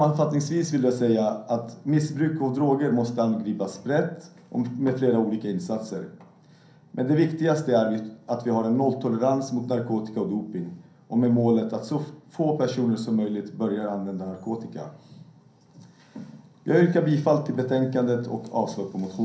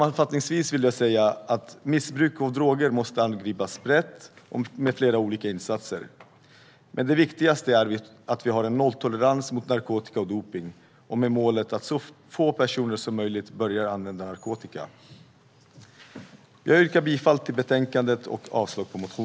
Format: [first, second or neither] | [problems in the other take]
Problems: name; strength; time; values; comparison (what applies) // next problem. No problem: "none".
second | room echo; dies away in 0.6 s